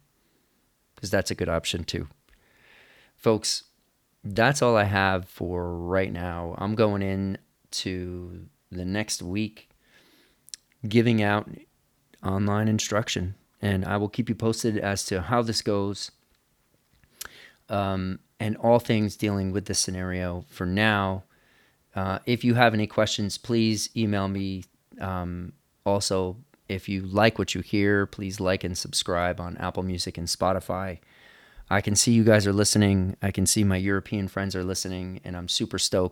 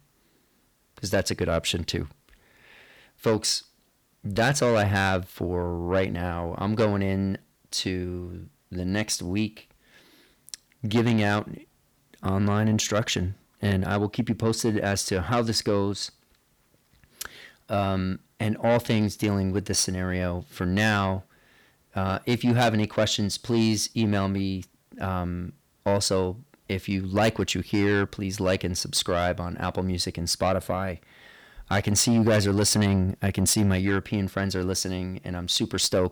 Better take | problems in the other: first | distortion; slight; 10 dB below the speech

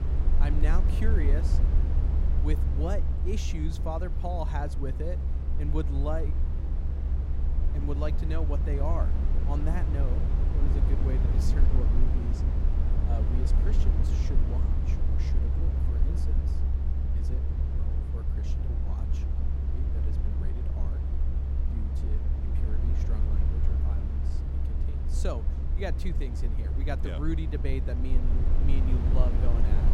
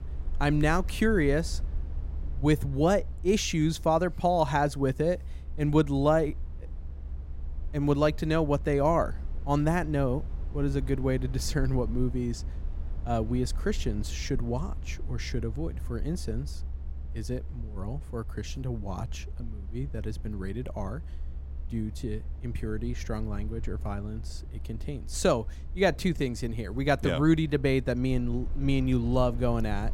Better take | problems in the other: second | low rumble; loud; throughout; 4 dB below the speech; faint in the second

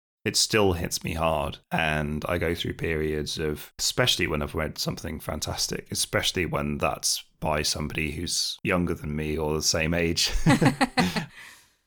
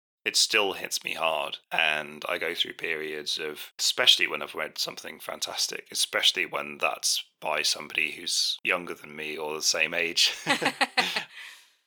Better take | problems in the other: first | thin; somewhat; fading below 450 Hz

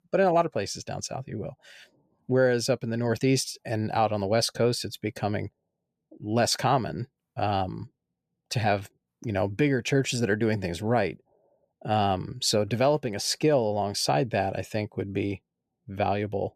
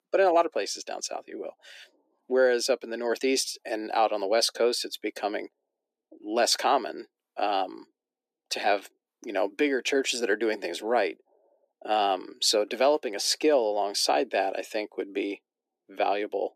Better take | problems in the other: first | thin; somewhat; fading below 300 Hz

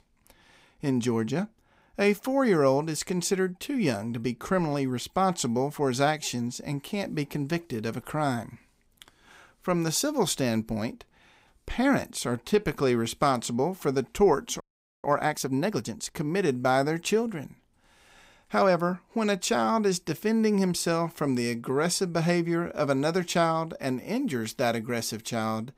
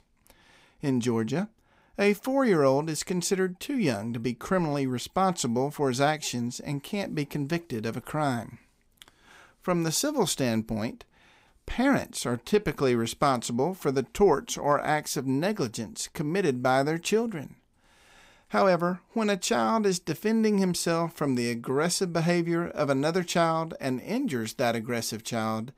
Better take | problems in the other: second | audio freezing; at 15 s

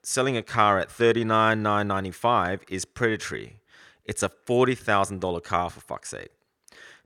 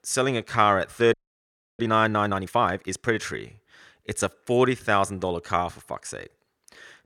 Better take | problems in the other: first | audio freezing; at 1 s for 0.5 s

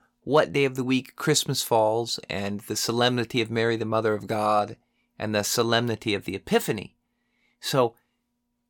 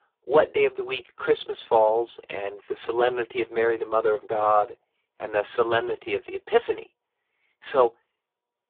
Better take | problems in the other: first | phone-call audio; poor line

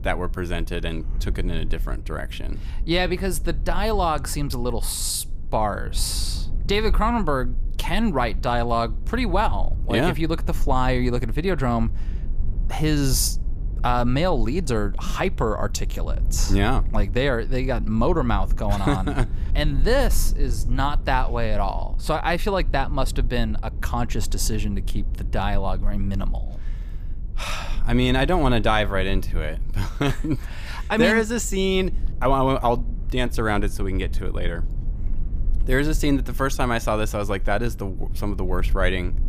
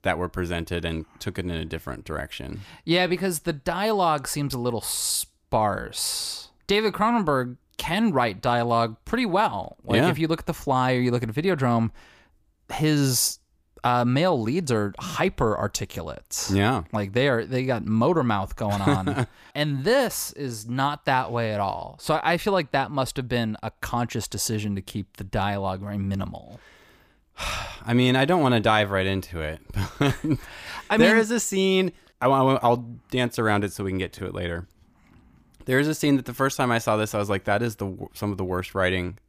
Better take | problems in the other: second | low rumble; faint; throughout; 25 dB below the speech

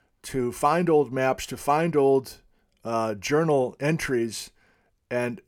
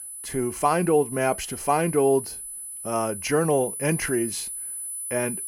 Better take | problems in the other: first | high-pitched whine; loud; throughout; 10 kHz, 8 dB below the speech

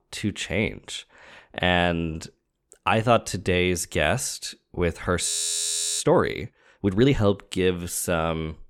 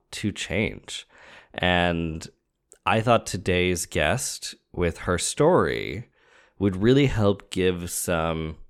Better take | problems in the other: second | audio freezing; at 5.5 s for 0.5 s

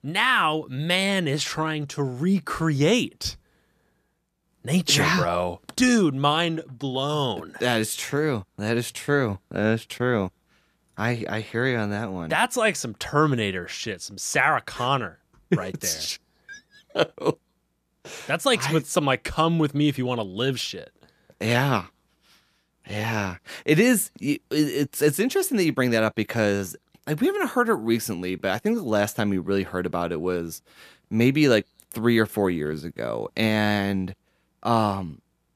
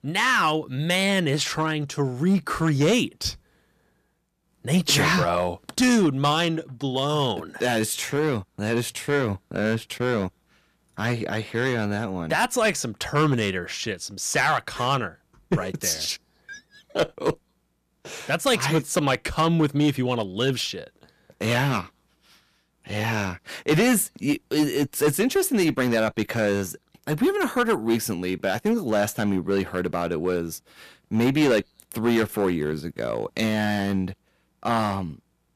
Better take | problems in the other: first | distortion; slight; 4% of the sound clipped

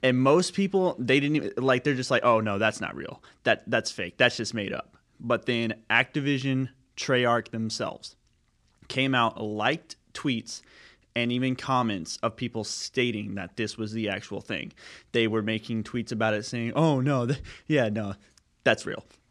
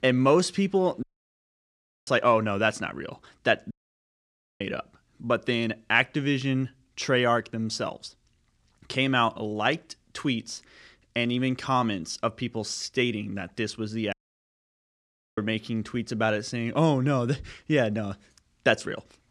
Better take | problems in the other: first | audio cutting out; at 1 s for 1 s, at 3.5 s for 1 s and at 14 s for 1 s

